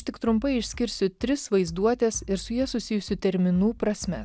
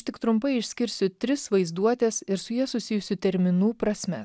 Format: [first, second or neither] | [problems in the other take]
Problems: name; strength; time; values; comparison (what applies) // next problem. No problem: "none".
second | background sound (Bass drum); 18 dB below the speech